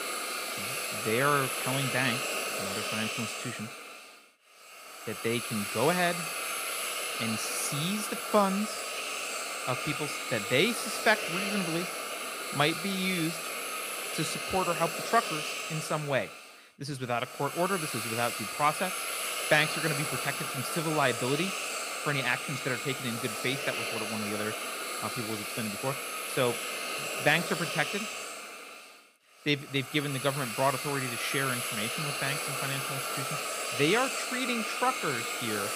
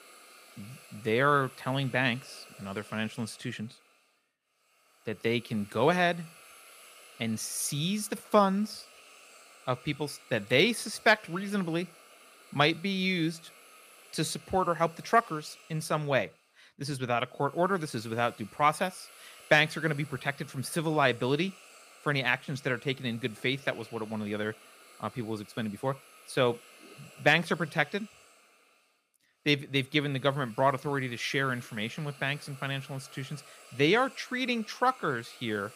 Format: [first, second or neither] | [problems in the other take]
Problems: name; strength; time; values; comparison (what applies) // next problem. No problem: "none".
second | hiss; loud; throughout; 2 dB below the speech; faint in the second